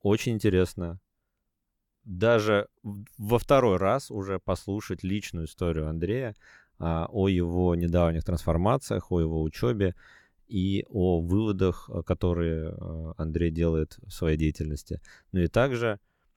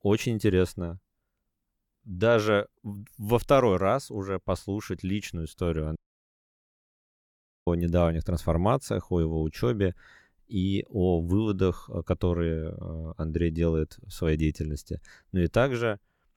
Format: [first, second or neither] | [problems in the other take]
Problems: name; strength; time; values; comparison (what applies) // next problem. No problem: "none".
first | audio cutting out; at 6 s for 1.5 s